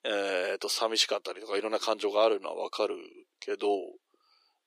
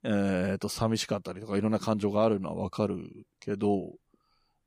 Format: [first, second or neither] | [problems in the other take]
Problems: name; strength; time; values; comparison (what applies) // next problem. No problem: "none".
second | thin; very; fading below 350 Hz